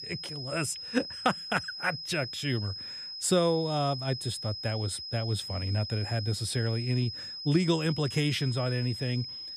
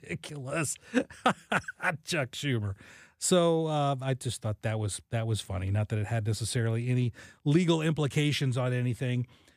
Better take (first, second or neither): second